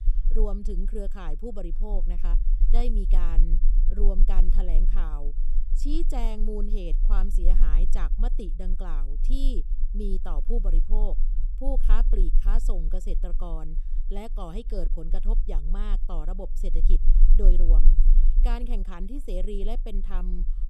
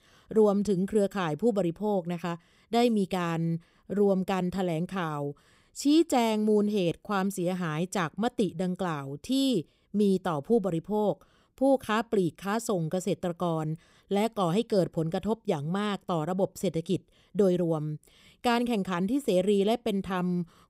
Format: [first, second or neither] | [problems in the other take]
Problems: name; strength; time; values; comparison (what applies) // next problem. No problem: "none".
second | low rumble; noticeable; throughout; 15 dB below the speech